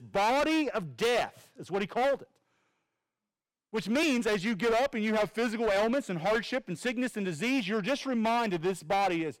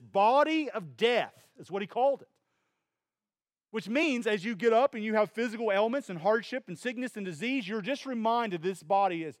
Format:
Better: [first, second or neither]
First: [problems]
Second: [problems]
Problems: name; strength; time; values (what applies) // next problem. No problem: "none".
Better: second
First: distortion; heavy; 16% of the sound clipped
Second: none